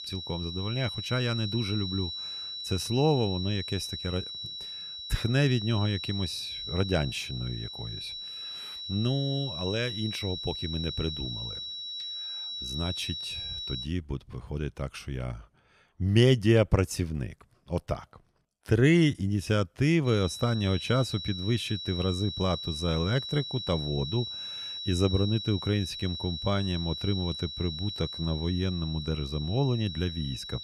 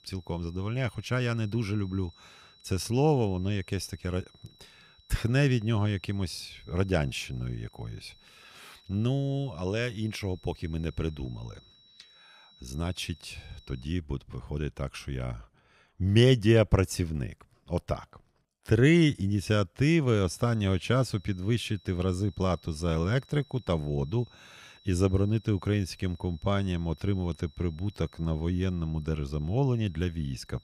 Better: second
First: high-pitched whine; loud; until 14 s and from 20 s on; 4 kHz, 6 dB below the speech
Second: high-pitched whine; faint; until 14 s and from 20 s on; 4 kHz, 30 dB below the speech

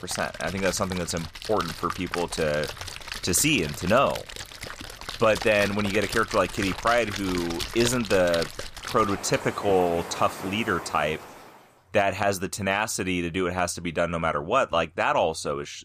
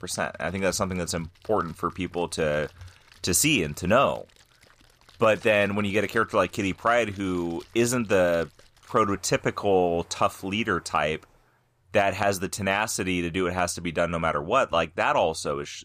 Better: second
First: rain or running water; loud; until 11 s; 10 dB below the speech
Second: rain or running water; faint; until 11 s; 30 dB below the speech

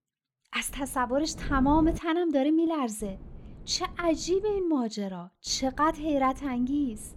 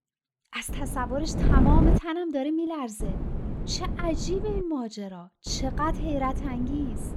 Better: first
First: wind noise on the microphone; occasional gusts; from 0.5 to 2 s, from 3 to 4.5 s and from 5.5 s on; 25 dB below the speech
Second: wind noise on the microphone; heavy; from 0.5 to 2 s, from 3 to 4.5 s and from 5.5 s on; 6 dB below the speech

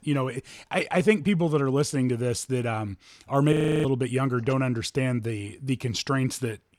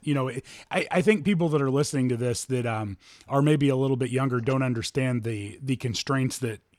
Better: second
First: audio freezing; at 3.5 s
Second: none

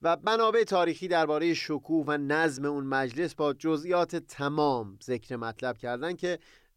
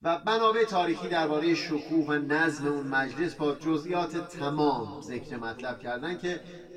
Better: first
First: none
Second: room echo; slight; dies away in 1.9 s // off-mic speech; somewhat distant

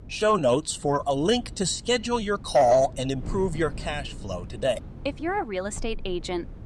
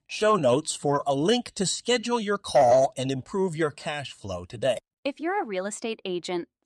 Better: second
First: wind noise on the microphone; occasional gusts; 25 dB below the speech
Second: none

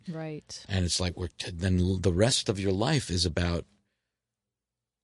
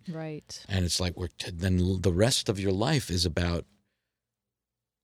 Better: second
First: garbled, watery; slightly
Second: none

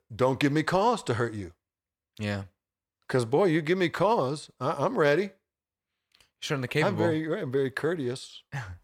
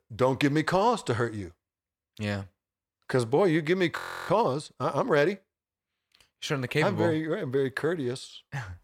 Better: first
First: none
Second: audio freezing; at 4 s

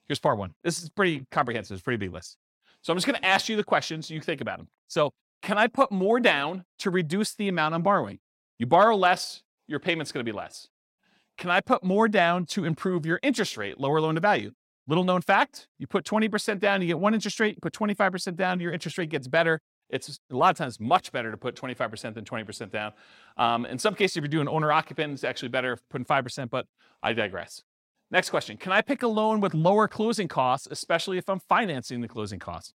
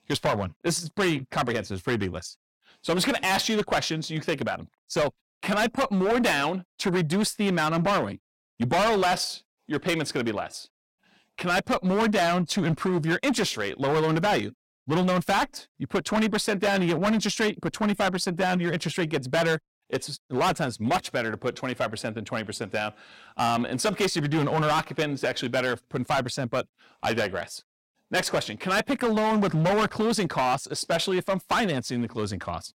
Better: first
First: none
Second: distortion; heavy; 13% of the sound clipped

